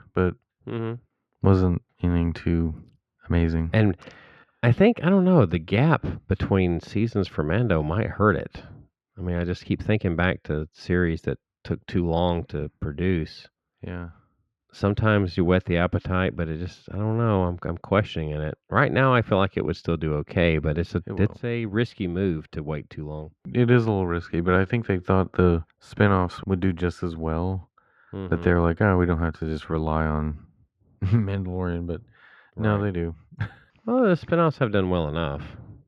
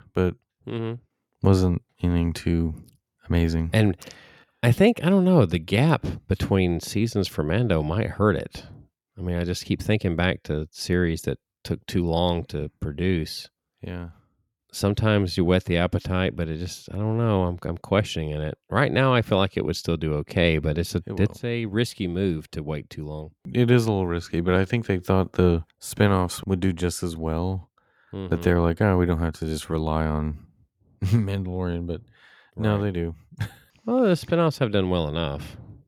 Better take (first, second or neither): second